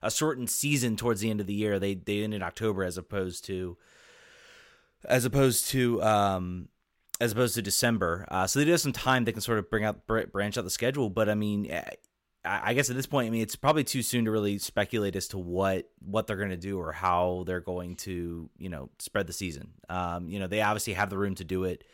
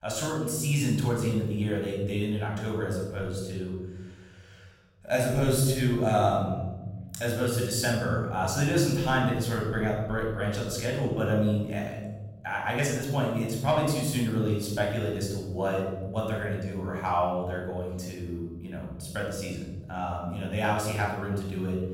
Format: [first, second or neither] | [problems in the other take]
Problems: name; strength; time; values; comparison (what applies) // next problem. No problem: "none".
first | off-mic speech; far // room echo; noticeable; dies away in 2 s